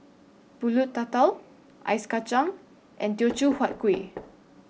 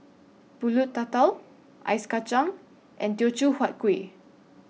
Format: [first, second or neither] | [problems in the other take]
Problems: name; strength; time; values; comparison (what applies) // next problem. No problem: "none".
second | background sound (Knock); 19 dB below the speech